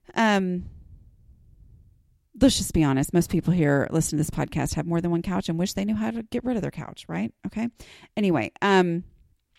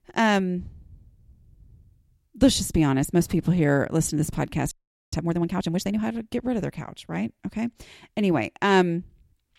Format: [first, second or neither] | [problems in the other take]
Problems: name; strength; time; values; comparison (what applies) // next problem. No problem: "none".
first | audio freezing; at 4.5 s